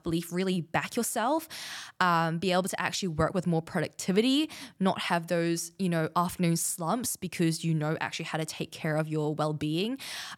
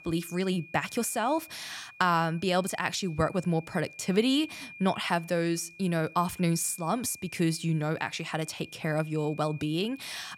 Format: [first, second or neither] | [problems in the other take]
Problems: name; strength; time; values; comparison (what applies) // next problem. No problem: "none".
first | high-pitched whine; noticeable; throughout; 2.5 kHz, 20 dB below the speech